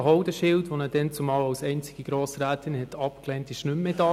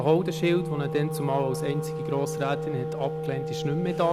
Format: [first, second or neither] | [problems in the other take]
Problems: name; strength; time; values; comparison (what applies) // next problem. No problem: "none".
first | background sound (Wind instrument, woodwind instrument); 4 dB below the speech